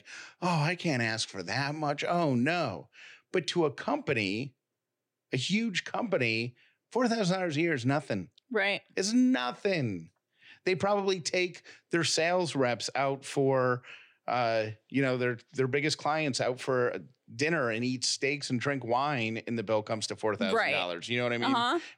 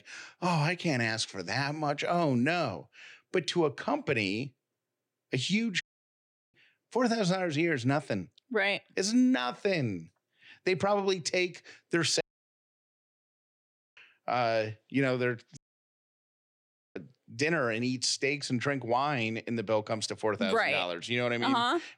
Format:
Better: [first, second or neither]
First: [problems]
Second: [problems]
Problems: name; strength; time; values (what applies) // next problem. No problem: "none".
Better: first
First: none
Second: audio cutting out; at 6 s for 0.5 s, at 12 s for 2 s and at 16 s for 1.5 s